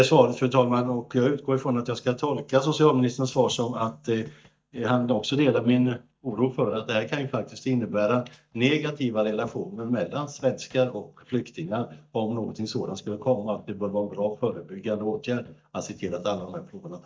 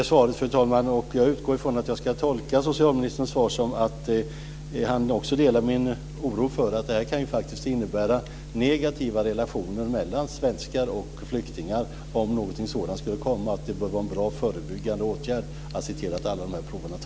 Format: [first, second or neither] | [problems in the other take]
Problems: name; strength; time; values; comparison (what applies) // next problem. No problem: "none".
second | noise reduction (neural mask model DeepFilterNet 3)